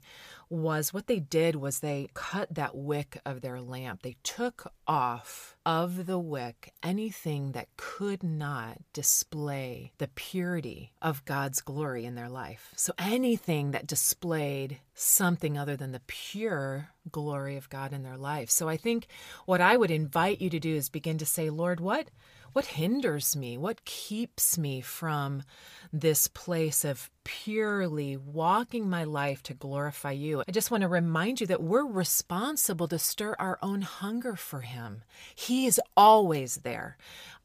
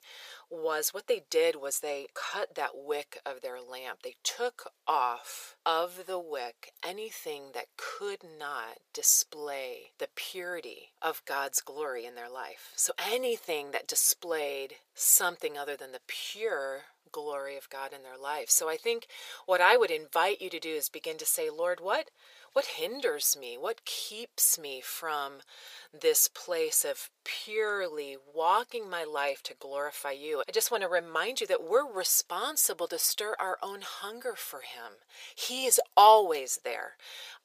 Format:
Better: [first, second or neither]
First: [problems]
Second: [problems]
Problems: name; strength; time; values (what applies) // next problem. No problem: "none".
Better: first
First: none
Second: thin; very; fading below 450 Hz